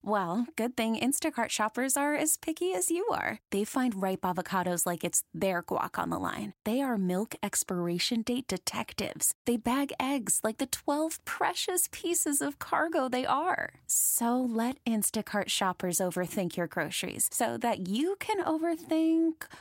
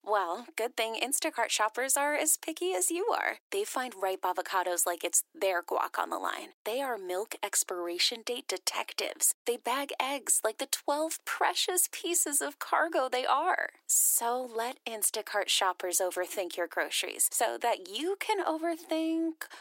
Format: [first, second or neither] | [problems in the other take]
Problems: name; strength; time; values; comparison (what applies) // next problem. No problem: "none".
first | thin; very; fading below 350 Hz